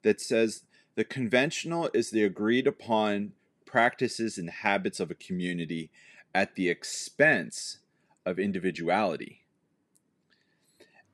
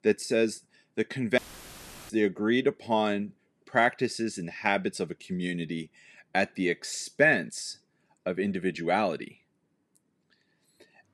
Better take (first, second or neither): first